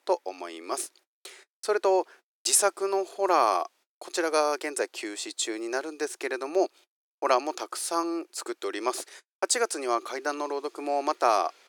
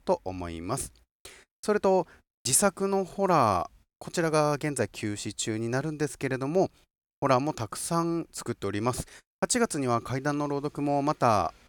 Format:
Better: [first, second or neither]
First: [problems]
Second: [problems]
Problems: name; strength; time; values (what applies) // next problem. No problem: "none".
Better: second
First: thin; very; fading below 350 Hz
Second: none